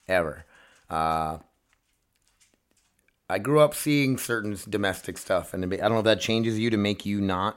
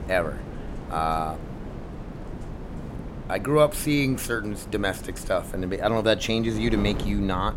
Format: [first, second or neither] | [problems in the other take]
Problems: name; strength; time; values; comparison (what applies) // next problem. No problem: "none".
first | wind noise on the microphone; occasional gusts; 15 dB below the speech